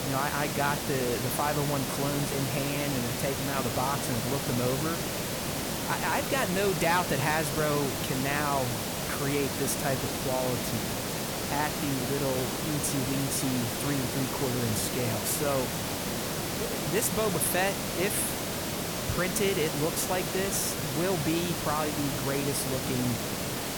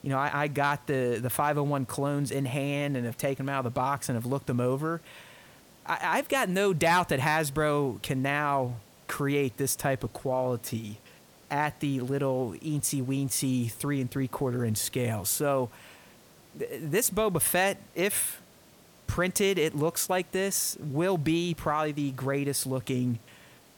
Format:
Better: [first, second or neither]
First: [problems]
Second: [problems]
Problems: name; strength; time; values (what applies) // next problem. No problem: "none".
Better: second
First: hiss; loud; throughout; as loud as the speech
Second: hiss; faint; throughout; 25 dB below the speech